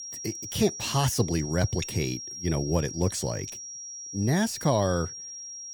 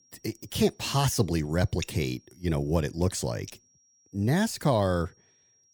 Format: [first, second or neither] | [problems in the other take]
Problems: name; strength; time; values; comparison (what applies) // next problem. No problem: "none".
second | high-pitched whine; loud; throughout; 5.5 kHz, 9 dB below the speech; faint in the second